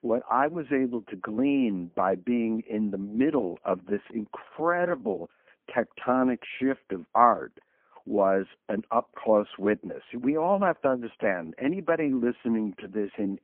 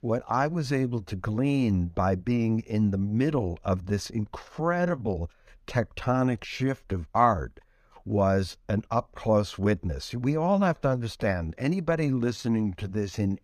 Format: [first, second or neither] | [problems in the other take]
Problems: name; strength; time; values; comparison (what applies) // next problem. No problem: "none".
second | phone-call audio; poor line